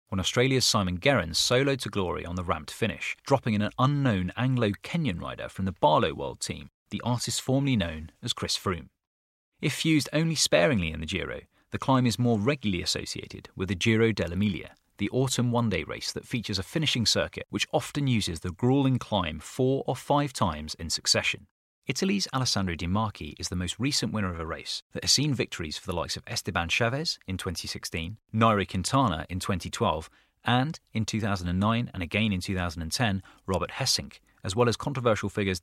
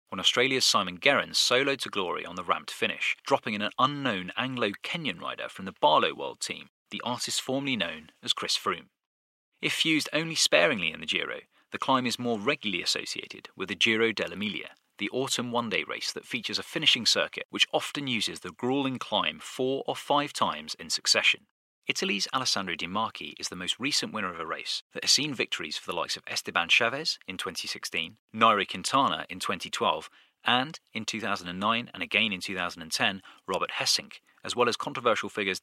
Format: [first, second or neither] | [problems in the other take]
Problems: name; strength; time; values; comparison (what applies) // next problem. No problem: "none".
first | thin; somewhat; fading below 250 Hz